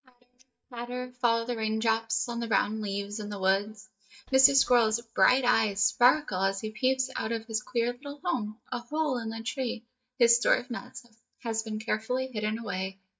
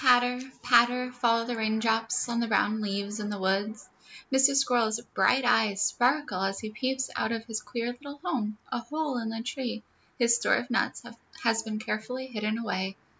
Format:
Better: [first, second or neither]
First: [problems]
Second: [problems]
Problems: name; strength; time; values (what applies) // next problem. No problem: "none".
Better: second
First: noise reduction (neural mask model DeepFilterNet 3)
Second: none